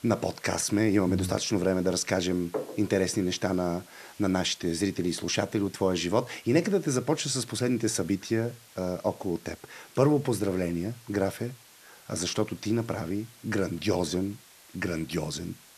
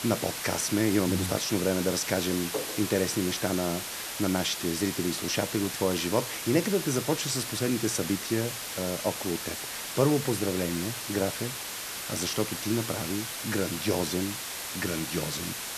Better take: first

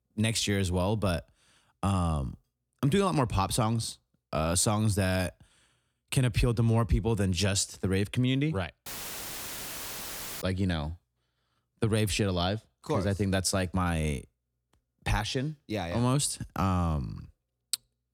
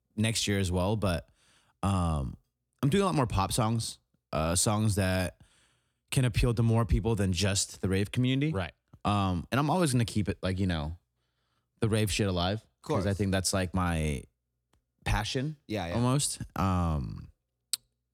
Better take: second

